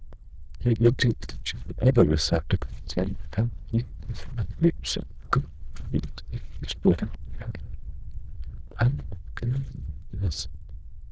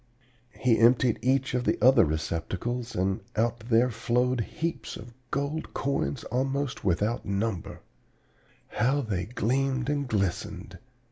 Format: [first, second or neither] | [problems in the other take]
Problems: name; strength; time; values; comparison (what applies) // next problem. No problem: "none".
second | noise reduction (neural diffusion model UNIVERSE++)